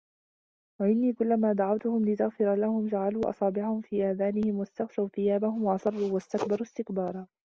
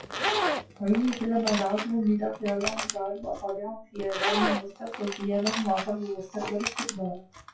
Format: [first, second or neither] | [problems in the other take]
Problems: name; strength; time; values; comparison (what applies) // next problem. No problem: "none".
first | noise reduction (classical method WPE with log-MMSE)